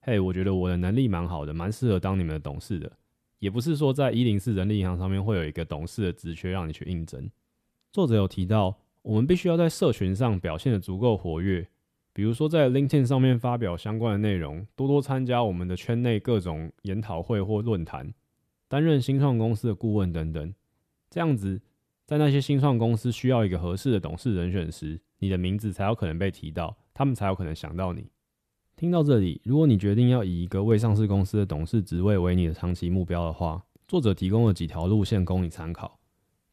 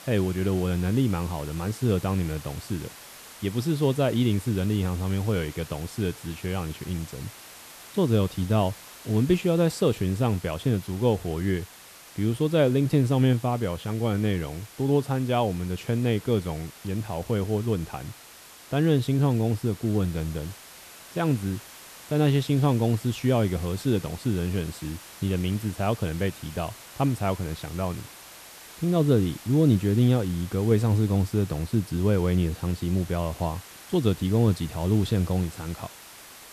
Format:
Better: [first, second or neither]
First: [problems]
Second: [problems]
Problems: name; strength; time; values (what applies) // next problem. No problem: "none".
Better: first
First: none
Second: hiss; noticeable; throughout; 20 dB below the speech